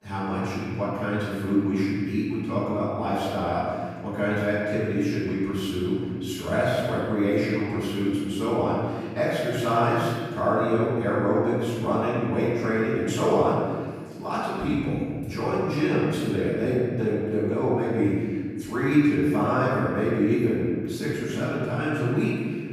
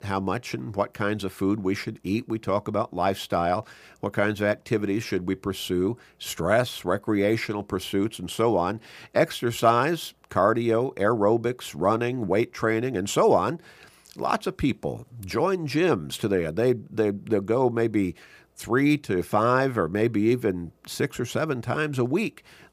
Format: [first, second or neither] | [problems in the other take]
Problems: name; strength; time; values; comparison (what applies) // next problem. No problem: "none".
second | off-mic speech; far // room echo; strong; dies away in 1.9 s